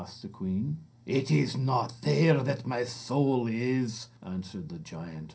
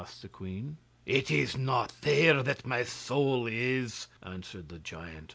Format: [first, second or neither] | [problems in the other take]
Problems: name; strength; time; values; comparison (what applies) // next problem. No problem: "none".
second | room echo; dies away in 0.3 s